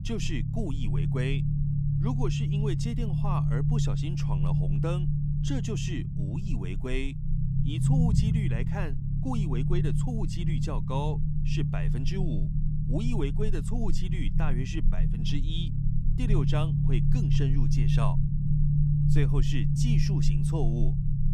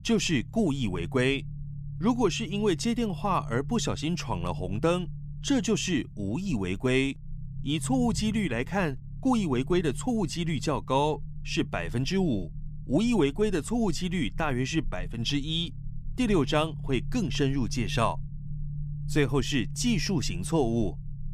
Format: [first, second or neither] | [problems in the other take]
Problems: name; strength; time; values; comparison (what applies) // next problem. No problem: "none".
second | low rumble; loud; throughout; as loud as the speech; faint in the second